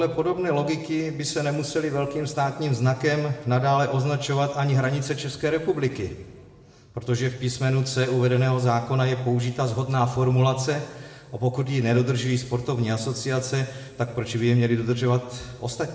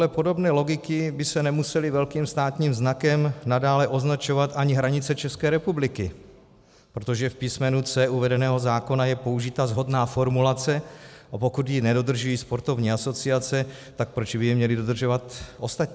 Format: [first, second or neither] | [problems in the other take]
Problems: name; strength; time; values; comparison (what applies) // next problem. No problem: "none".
second | room echo; dies away in 1.4 s